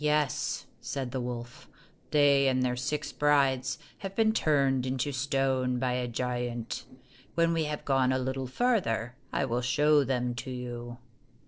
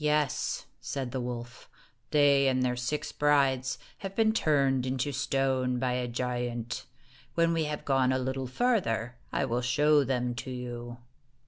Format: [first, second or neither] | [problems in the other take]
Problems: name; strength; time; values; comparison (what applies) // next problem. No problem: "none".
second | noise reduction (neural separator model SepFormer DNS4)